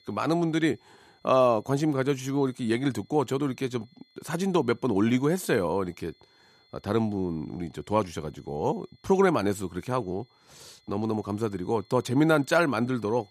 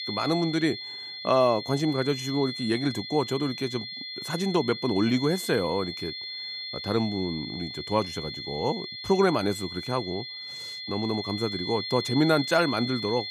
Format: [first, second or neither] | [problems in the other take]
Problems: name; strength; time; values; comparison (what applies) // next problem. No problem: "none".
first | high-pitched whine; loud; throughout; 4 kHz, 7 dB below the speech; faint in the first